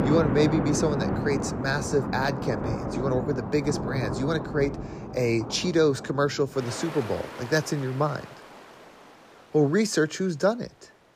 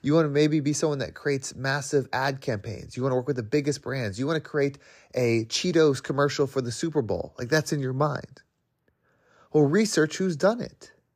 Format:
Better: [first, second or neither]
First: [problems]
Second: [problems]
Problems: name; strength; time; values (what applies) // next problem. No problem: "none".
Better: second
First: rain or running water; loud; throughout; 5 dB below the speech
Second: none